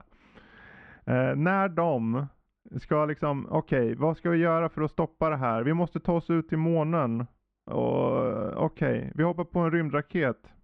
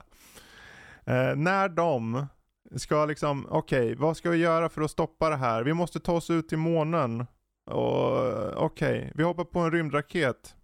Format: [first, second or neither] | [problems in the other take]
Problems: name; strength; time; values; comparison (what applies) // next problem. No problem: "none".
second | muffled; very; fading above 2.5 kHz